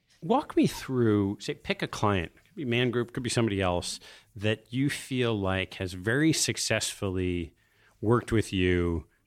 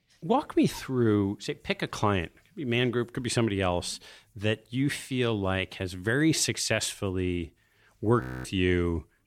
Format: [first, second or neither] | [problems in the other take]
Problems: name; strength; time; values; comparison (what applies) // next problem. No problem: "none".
first | audio freezing; at 8 s